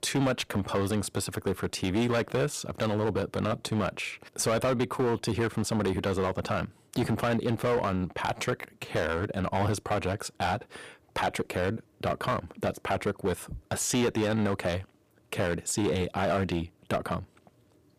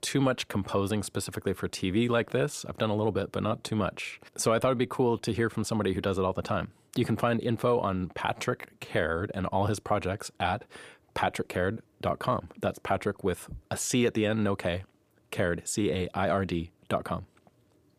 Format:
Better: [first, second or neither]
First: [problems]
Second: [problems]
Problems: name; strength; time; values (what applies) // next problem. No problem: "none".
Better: second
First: distortion; slight; 10% of the sound clipped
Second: none